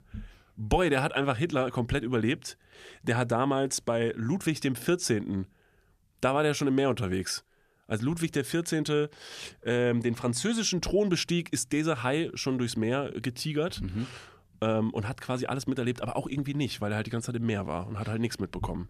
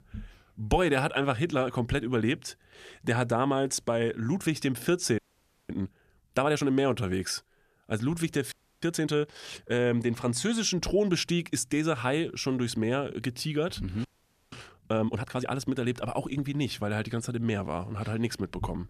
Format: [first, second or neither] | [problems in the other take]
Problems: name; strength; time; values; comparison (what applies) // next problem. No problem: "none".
first | audio freezing; at 5 s for 0.5 s, at 8.5 s and at 14 s